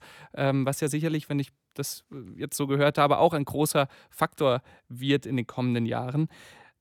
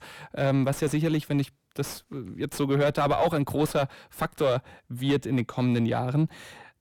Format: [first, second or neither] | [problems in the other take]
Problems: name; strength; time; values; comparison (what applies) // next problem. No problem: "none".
first | distortion; heavy; 8 dB below the speech